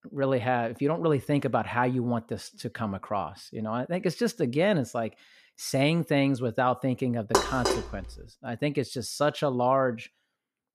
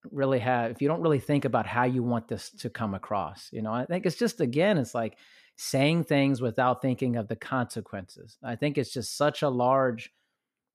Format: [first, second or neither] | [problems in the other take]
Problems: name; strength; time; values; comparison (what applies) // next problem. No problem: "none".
second | clattering dishes; loud; at 7.5 s; peak 2 dB above the speech